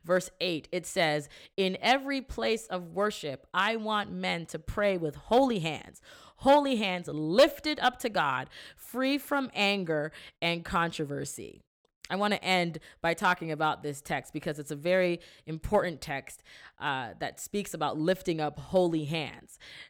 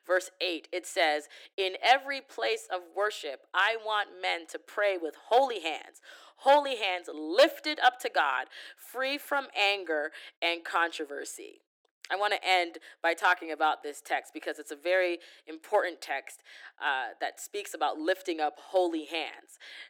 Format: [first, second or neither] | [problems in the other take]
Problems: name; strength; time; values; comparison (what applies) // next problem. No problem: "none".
first | thin; very; fading below 300 Hz